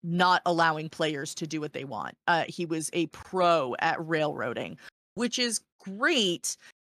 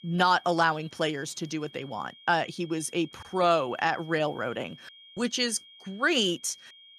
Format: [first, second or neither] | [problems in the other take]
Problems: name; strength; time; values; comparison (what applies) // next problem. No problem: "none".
first | high-pitched whine; faint; throughout; 3 kHz, 20 dB below the speech